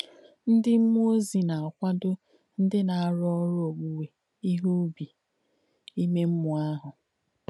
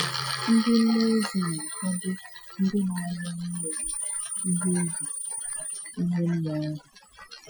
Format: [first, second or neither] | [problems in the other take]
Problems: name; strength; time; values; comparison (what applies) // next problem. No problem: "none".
first | noise reduction (classical method Wiener filter)